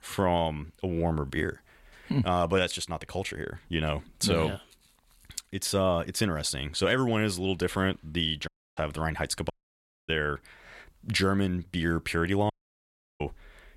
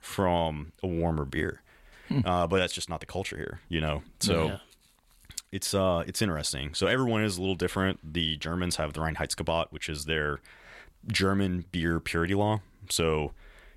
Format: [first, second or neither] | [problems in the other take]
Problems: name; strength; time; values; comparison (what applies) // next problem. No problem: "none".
second | audio cutting out; at 8.5 s, at 9.5 s for 0.5 s and at 13 s for 0.5 s